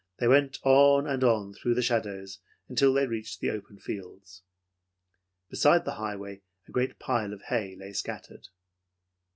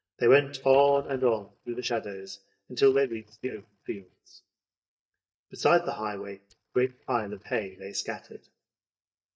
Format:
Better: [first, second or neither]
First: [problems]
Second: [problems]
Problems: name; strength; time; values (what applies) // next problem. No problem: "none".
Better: first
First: none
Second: noise reduction (neural mask model DeepFilterNet 3)